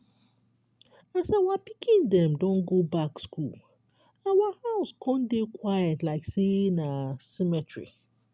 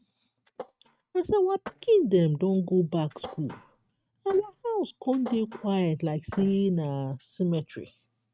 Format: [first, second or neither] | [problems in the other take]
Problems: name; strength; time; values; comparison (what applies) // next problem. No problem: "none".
first | noise reduction (neural mask model RNNoise)